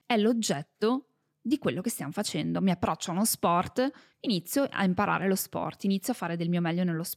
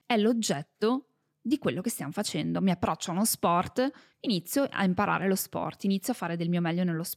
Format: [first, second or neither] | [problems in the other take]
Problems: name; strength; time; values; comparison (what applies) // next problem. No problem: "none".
neither | none